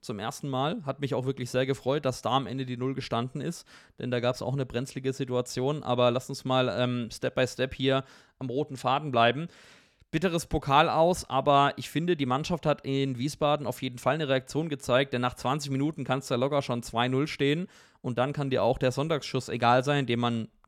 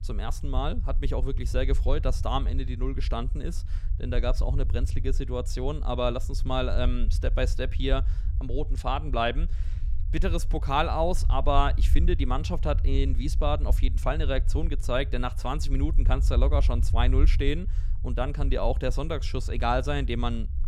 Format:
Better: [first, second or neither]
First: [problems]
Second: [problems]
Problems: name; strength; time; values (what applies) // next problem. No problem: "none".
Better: first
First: none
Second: low rumble; noticeable; throughout; 20 dB below the speech